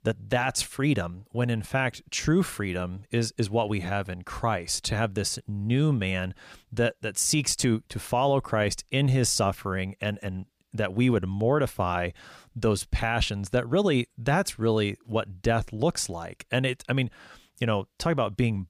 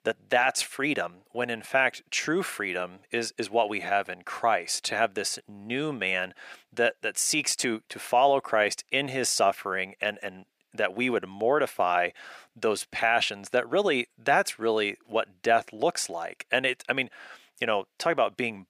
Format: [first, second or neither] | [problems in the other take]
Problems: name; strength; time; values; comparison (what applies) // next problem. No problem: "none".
first | thin; somewhat; fading below 400 Hz